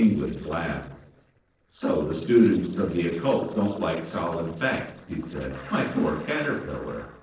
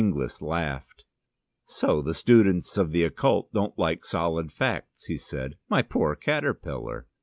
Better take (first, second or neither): second